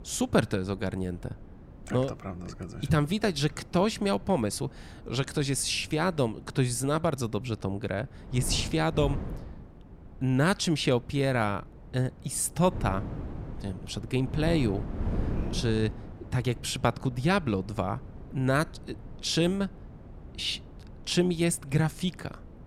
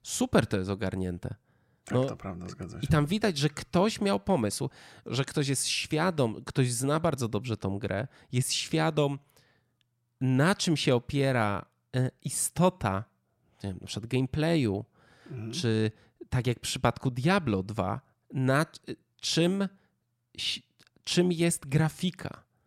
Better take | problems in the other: second | wind noise on the microphone; occasional gusts; 20 dB below the speech

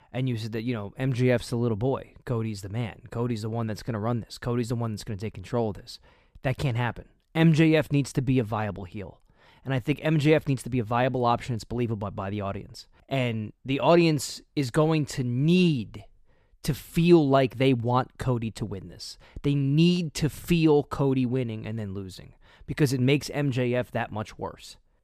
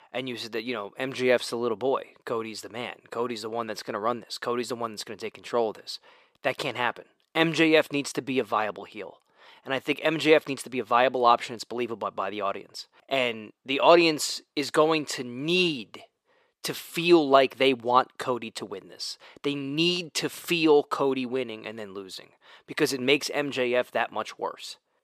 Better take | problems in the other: first | thin; somewhat; fading below 450 Hz

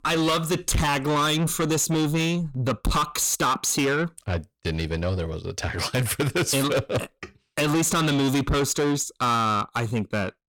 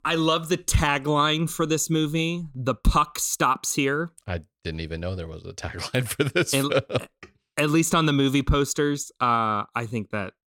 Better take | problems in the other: second | distortion; heavy; 6 dB below the speech

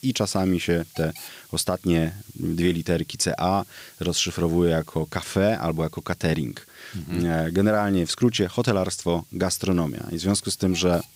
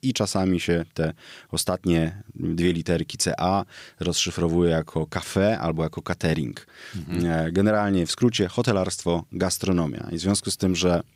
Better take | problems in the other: second | hiss; faint; throughout; 25 dB below the speech

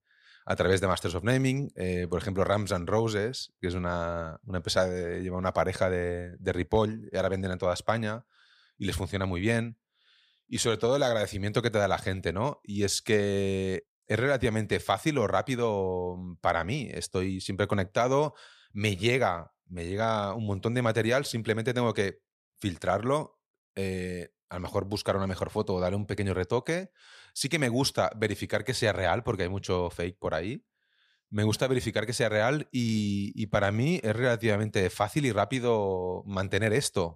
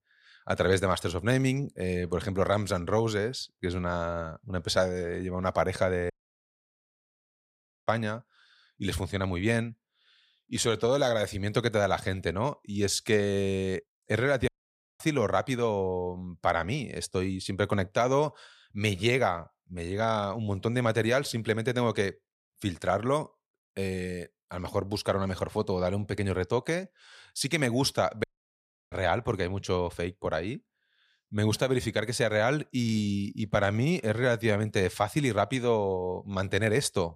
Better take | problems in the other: first | audio cutting out; at 6 s for 2 s, at 14 s for 0.5 s and at 28 s for 0.5 s

